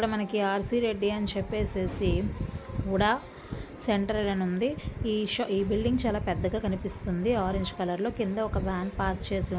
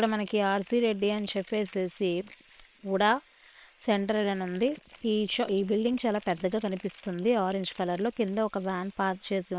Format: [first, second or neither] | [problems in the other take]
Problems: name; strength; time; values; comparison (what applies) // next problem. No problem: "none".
first | noise reduction (neural separator model SepFormer WHAM!)